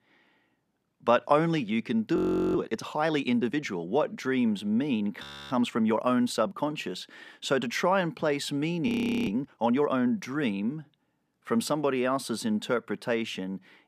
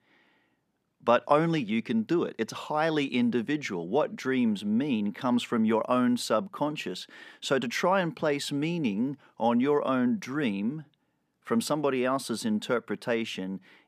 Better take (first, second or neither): second